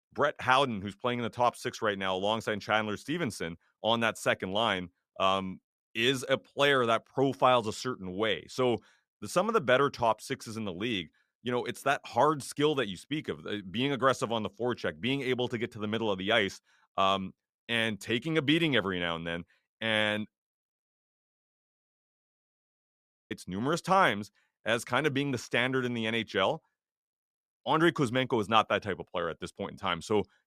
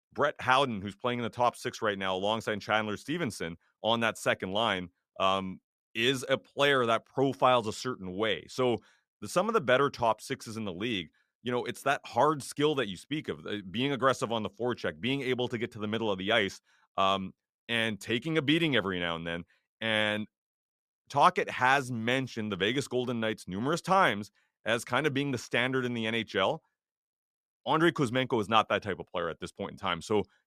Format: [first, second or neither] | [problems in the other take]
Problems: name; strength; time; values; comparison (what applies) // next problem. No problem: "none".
second | audio cutting out; at 21 s for 2.5 s